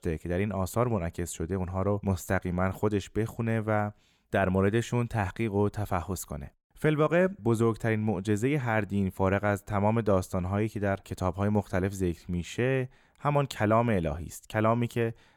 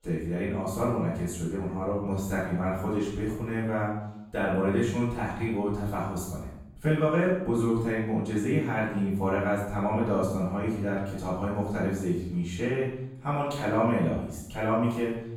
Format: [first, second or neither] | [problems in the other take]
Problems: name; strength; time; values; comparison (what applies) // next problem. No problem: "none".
first | off-mic speech; far // room echo; noticeable; dies away in 0.7 s